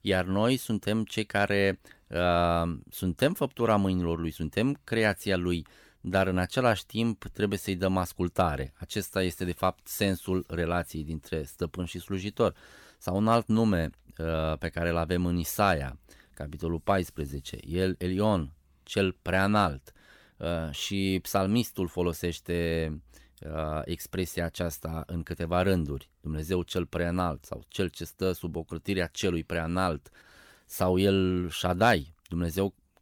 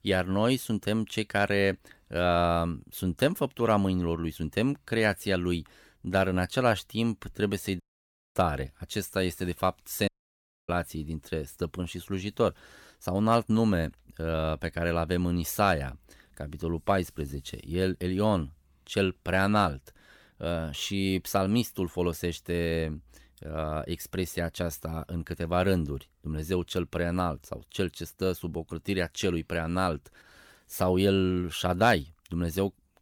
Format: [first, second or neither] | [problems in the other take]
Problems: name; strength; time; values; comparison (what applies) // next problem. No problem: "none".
first | audio cutting out; at 8 s for 0.5 s and at 10 s for 0.5 s